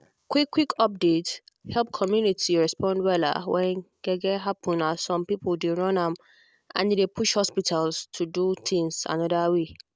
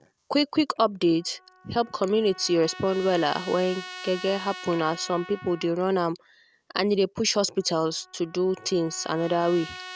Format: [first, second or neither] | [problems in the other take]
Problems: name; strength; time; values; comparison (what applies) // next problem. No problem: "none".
first | background sound (Trumpet); 17 dB below the speech